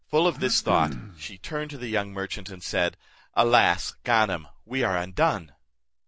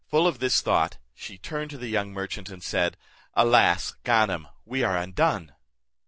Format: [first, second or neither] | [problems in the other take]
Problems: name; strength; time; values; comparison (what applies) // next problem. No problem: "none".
second | background sound (Cough); 9 dB below the speech